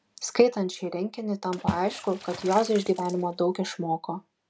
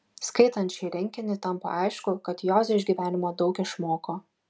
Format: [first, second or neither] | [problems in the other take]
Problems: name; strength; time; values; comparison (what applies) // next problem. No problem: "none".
second | background sound (Water / Splash, splatter); 10 dB below the speech